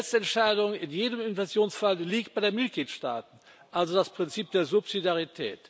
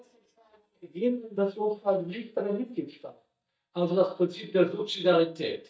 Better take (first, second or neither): first